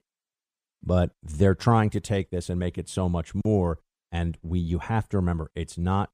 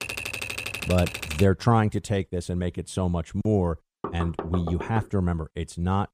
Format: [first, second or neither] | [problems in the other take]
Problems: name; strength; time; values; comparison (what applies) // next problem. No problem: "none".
first | keyboard typing; noticeable; until 1.5 s; peak 4 dB below the speech // door banging; noticeable; from 4 to 5 s; peak 8 dB below the speech